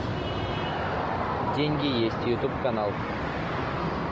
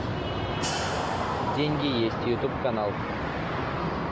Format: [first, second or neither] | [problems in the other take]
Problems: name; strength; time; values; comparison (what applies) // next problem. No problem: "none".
first | background sound (Hi-hat); 15 dB below the speech